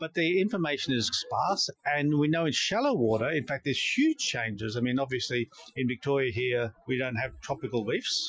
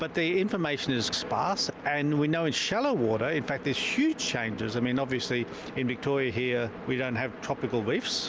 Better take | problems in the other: second | noise reduction (classical method Wiener filter)

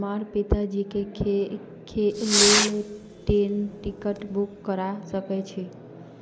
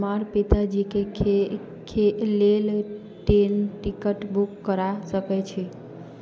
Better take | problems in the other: second | background sound (Fireworks); as loud as the speech

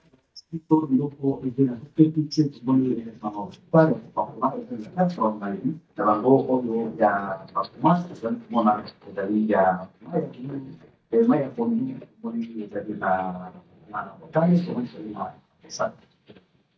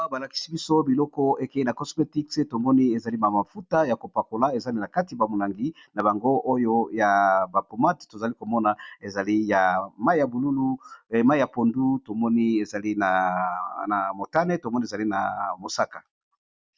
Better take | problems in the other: second | noise reduction (neural mask model DeepFilterNet 3)

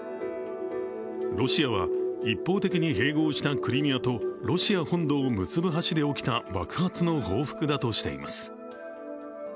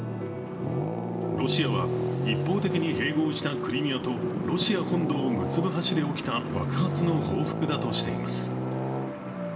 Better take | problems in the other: first | background sound (Traffic noise, roadway noise); 1 dB below the speech // room echo; dies away in 2.9 s

